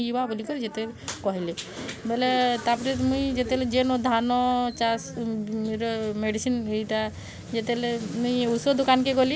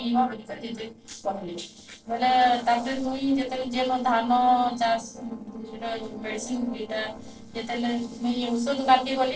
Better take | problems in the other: first | noise reduction (neural separator model SepFormer DNS4)

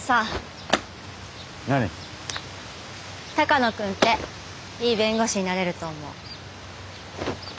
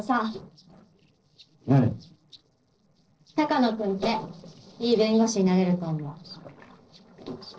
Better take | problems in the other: first | noise reduction (neural separator model SepFormer DNS4)

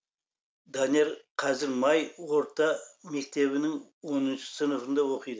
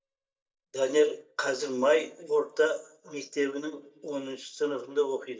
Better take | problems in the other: first | noise reduction (neural mask model DeepFilterNet 3)

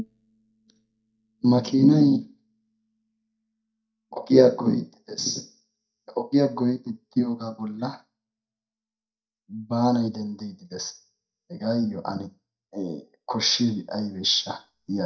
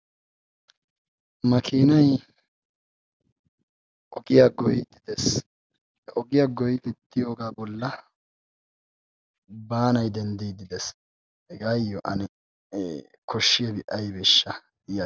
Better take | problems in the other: second | noise reduction (neural mask model DeepFilterNet 3)

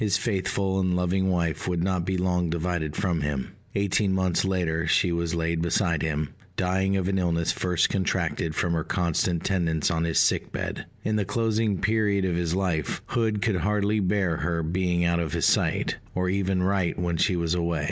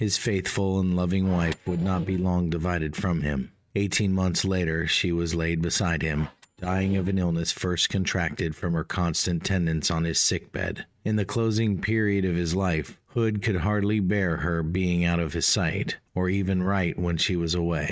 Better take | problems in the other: first | noise reduction (neural mask model RNNoise)

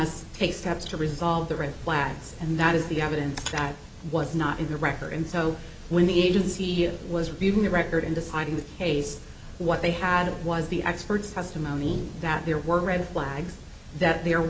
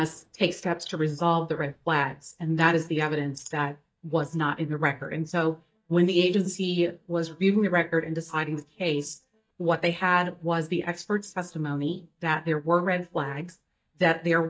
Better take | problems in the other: first | noise reduction (neural mask model DeepFilterNet 3)

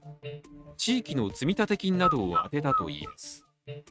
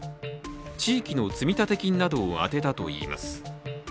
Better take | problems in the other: second | noise reduction (neural mask model RNNoise)

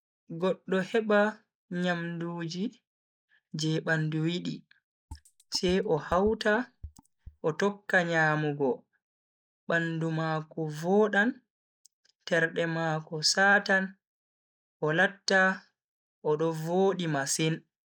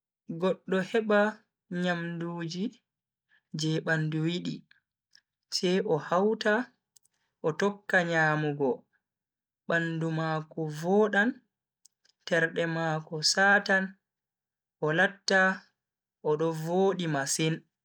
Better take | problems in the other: second | noise reduction (neural mask model DeepFilterNet 3)

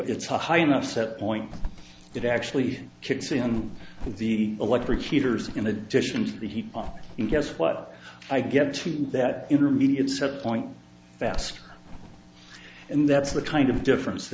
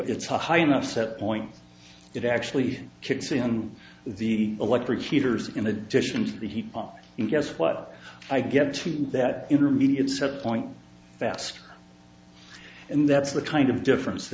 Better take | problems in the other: second | background sound (Bird); 11 dB below the speech

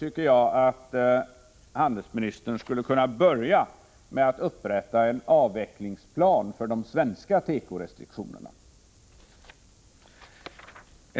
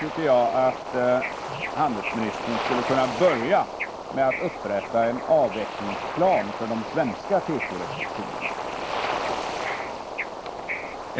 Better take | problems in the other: first | background sound (Bird / Ocean); 5 dB below the speech

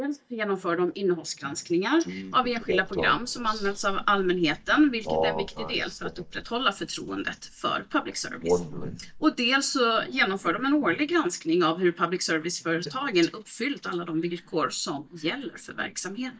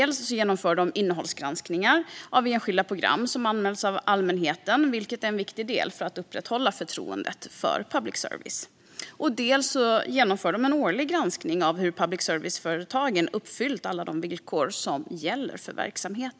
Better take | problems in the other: second | noise reduction (neural mask model DeepFilterNet 3)

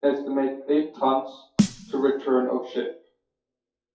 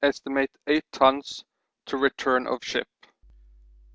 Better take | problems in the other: second | noise reduction (classical method WPE with log-MMSE)

